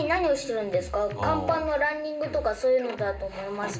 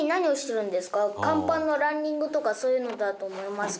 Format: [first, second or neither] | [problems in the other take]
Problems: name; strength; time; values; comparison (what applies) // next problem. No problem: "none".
second | background sound (Drum kit); 15 dB below the speech // room echo; dies away in 0.2 s